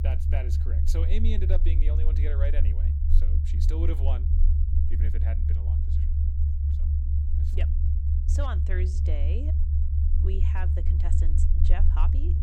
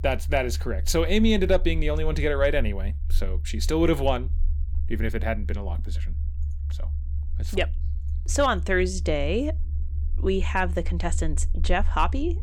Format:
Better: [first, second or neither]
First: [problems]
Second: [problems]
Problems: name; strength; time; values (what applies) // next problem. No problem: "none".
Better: second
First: low rumble; loud; throughout; 3 dB below the speech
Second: low rumble; faint; throughout; 25 dB below the speech